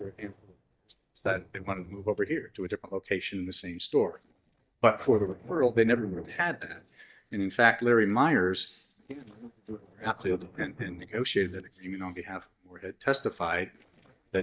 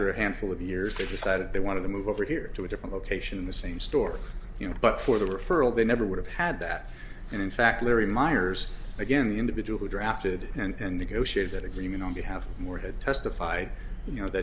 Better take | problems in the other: second | noise reduction (neural mask model DeepFilterNet 3)

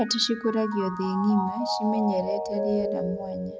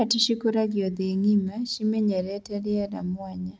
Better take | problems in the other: second | background sound (Mallet percussion); 4 dB below the speech

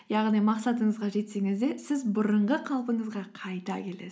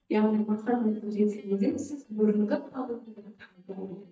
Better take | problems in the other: first | noise reduction (neural mask model DeepFilterNet 3)

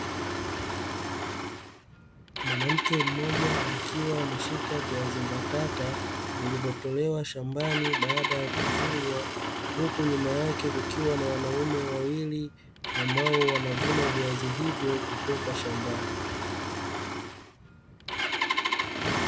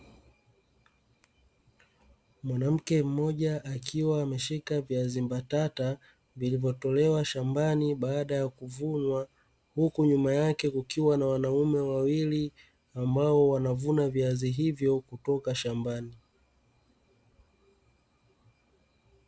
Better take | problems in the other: second | background sound (Engine starting); 1 dB above the speech

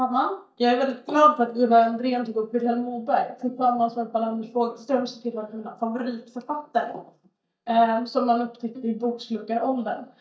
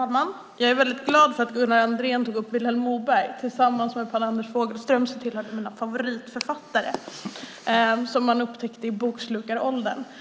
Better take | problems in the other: second | noise reduction (neural mask model DeepFilterNet 3)

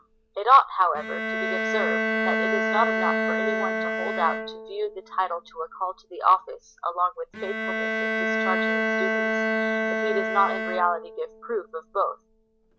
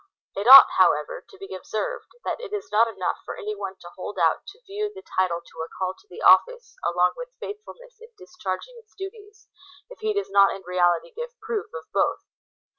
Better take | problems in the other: second | background sound (Bowed string instrument); 1 dB below the speech

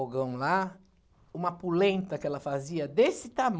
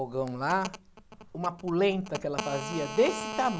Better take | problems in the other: first | background sound (Telephone); 10 dB below the speech

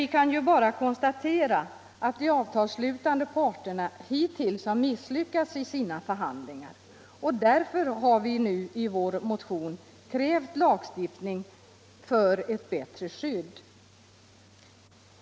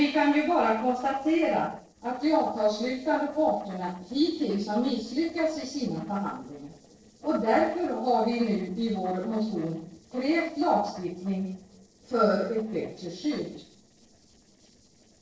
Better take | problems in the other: first | noise reduction (neural separator model SepFormer DNS4)

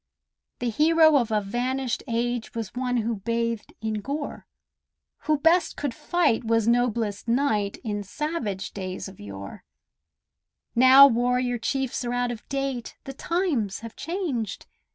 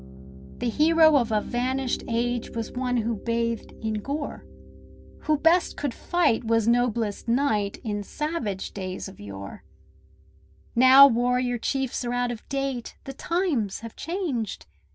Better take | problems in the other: first | background sound (Piano); 18 dB below the speech

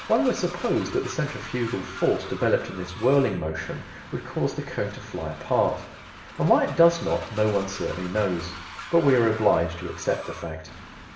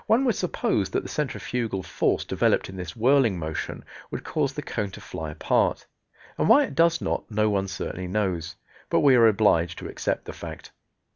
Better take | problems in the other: second | background sound (Train); 15 dB below the speech // room echo; dies away in 0.8 s

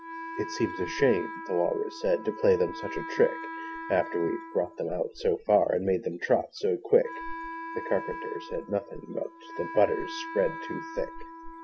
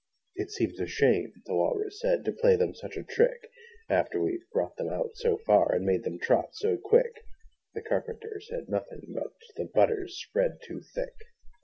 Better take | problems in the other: second | background sound (Wind instrument, woodwind instrument); 11 dB below the speech

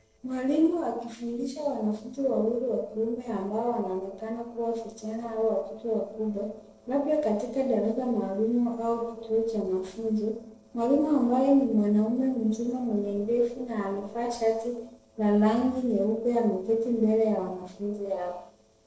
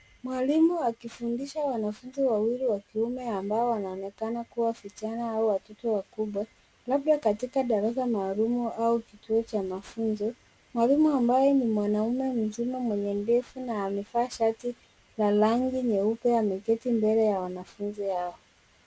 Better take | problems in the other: second | noise reduction (neural separator model SepFormer DNS4)

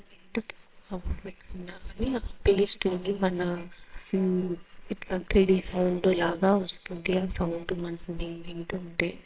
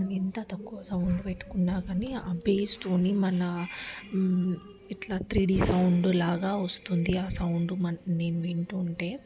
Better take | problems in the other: second | noise reduction (neural separator model SepFormer WHAMR!)

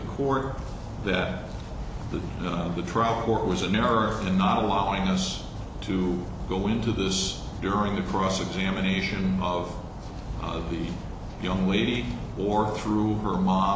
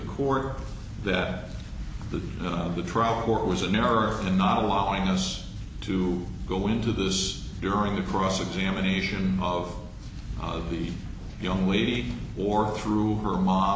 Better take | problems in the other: second | background sound (Stream); 16 dB below the speech

